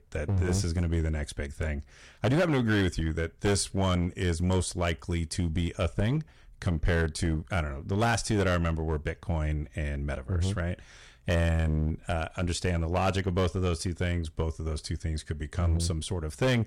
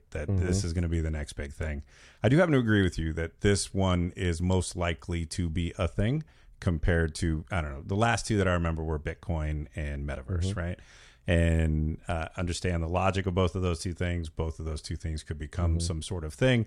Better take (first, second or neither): second